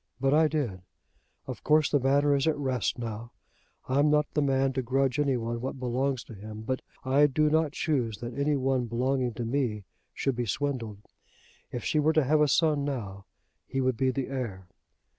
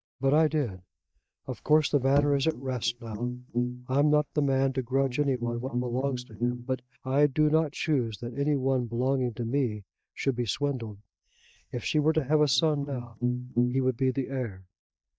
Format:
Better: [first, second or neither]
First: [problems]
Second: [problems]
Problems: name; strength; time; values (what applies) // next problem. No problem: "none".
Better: first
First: none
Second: noise reduction (neural mask model DeepFilterNet 3)